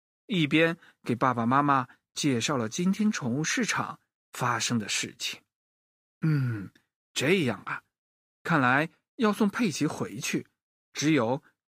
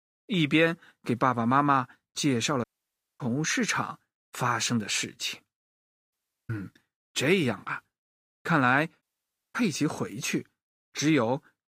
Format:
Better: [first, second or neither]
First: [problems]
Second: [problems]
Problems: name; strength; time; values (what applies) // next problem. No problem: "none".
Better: first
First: none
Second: audio cutting out; at 2.5 s for 0.5 s, at 6 s and at 9 s for 0.5 s